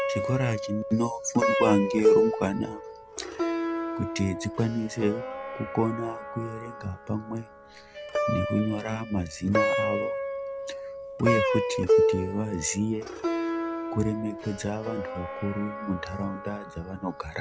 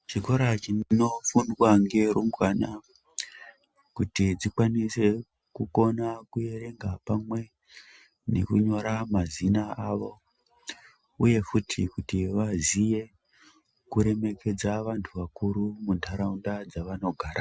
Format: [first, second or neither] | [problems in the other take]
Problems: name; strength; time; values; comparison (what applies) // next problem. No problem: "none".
second | background sound (Plucked string instrument); as loud as the speech